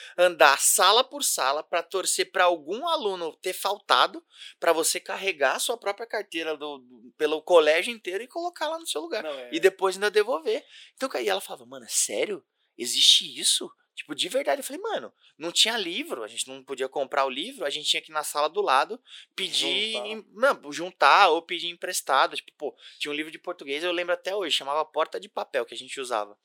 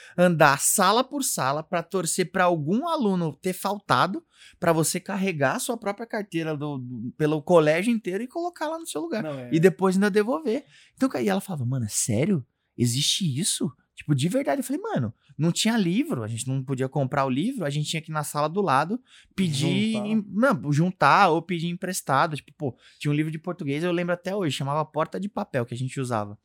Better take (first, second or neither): second